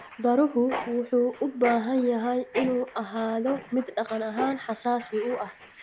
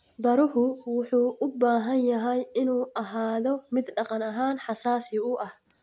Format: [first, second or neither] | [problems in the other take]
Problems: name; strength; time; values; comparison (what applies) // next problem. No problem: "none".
second | background sound (Mechanisms); 13 dB below the speech